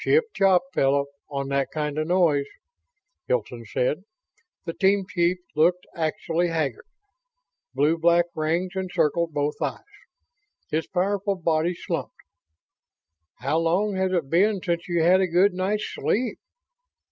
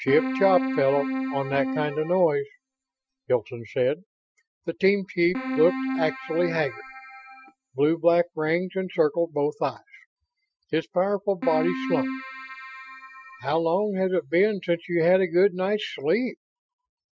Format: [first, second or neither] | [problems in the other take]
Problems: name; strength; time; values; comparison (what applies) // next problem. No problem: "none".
first | noise reduction (classical method Wiener filter)